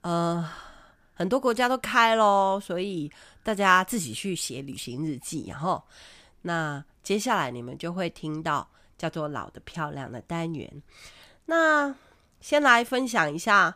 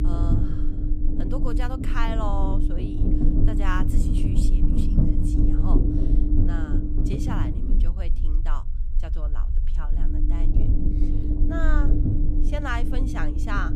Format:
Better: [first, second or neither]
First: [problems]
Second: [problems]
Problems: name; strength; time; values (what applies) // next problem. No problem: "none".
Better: first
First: none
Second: low rumble; loud; throughout; 1 dB below the speech